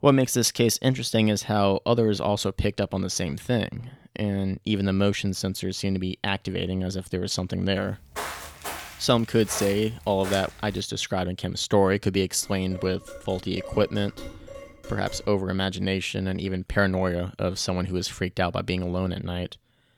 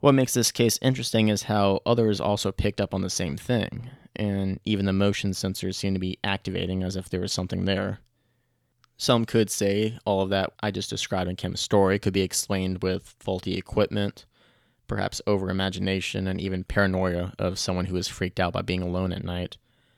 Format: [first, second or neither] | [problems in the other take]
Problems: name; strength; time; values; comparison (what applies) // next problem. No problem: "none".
second | footsteps; noticeable; from 8 to 11 s; peak 7 dB below the speech // clattering dishes; faint; from 12 to 15 s; peak 15 dB below the speech